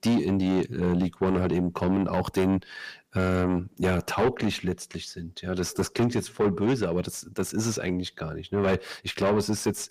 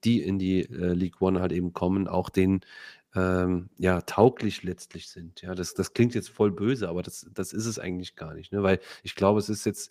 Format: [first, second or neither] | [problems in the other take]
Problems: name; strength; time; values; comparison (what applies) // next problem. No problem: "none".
second | distortion; heavy; 6 dB below the speech